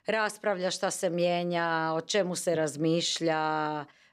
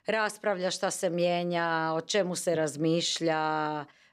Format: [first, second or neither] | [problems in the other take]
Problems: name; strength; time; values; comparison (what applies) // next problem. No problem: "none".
neither | none